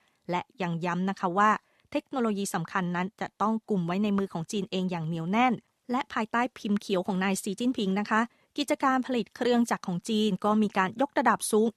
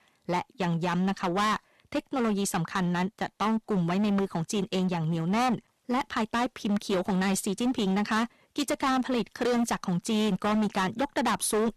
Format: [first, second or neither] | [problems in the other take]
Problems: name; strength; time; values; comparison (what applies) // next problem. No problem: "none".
first | distortion; heavy; 19% of the sound clipped